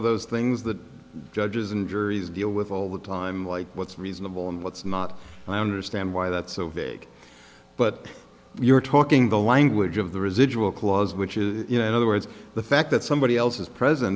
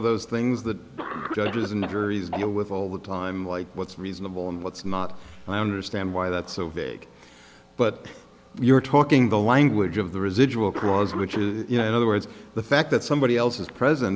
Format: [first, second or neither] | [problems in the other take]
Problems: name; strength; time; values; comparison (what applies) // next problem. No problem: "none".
first | background sound (Cough); 17 dB below the speech